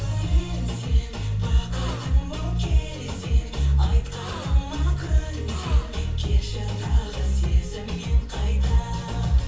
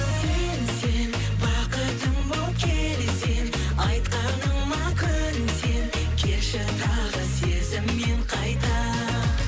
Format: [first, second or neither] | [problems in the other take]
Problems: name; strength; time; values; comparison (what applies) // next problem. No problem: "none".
second | background sound (Gasp); 19 dB below the speech // room echo; dies away in 0.4 s